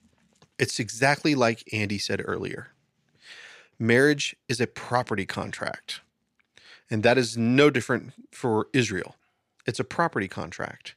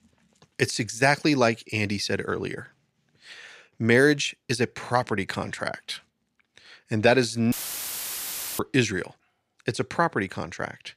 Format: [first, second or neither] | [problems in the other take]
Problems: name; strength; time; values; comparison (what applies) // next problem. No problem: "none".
first | audio cutting out; filled with static; at 7.5 s for 1 s